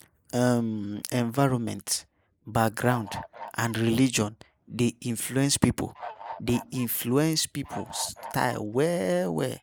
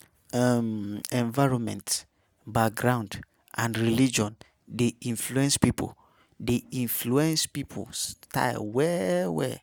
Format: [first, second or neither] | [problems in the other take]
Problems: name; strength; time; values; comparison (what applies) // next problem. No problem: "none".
second | noise reduction (neural mask model Resemble Enhance denoiser)